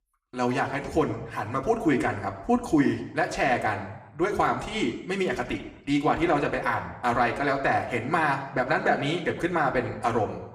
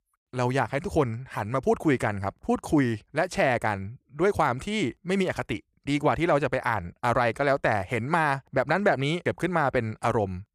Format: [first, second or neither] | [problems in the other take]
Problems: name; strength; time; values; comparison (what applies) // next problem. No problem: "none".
second | room echo; slight; dies away in 0.8 s // off-mic speech; somewhat distant